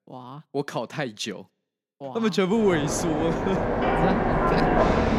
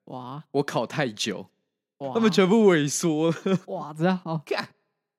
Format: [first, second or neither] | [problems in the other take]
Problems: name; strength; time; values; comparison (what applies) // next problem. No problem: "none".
second | train or aircraft noise; very loud; from 2.5 s on; 3 dB above the speech